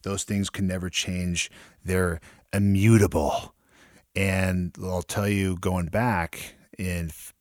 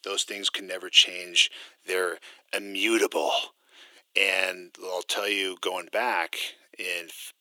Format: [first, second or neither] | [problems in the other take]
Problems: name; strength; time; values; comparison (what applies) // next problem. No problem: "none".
first | thin; very; fading below 350 Hz